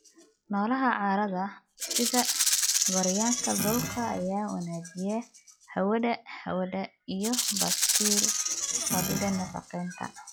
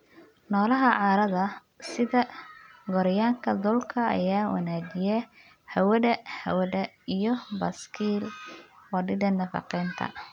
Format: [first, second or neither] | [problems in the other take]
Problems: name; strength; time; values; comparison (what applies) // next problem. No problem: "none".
second | noise reduction (classical method log-MMSE)